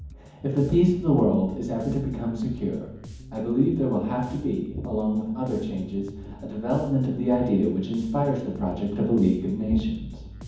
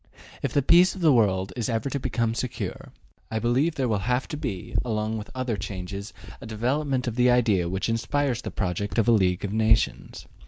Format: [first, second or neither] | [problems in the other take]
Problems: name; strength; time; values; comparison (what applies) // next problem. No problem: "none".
second | background sound (Bass guitar); 17 dB below the speech // room echo; dies away in 1.2 s